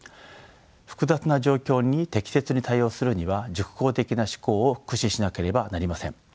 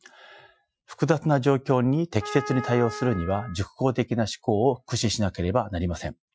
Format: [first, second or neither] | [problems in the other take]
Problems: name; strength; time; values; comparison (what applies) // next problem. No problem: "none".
first | noise reduction (classical method Wiener filter)